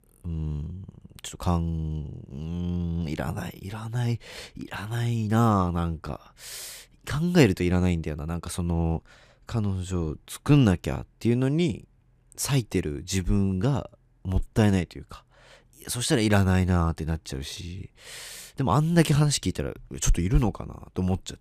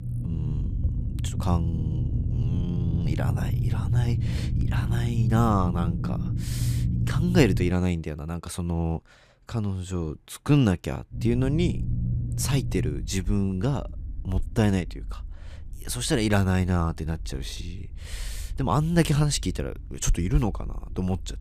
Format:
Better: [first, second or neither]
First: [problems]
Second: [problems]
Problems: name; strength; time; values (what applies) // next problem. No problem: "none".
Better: first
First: none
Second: low rumble; loud; until 7.5 s and from 11 s on; 9 dB below the speech